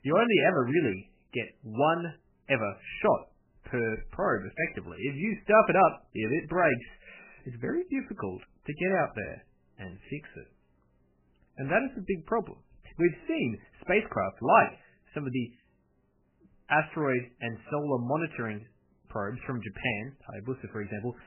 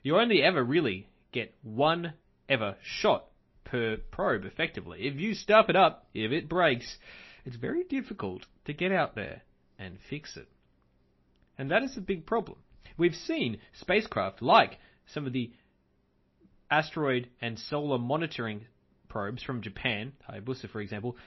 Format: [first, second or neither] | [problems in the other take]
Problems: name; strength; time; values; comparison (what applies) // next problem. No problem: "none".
second | garbled, watery; badly; nothing above 3 kHz; slightly in the second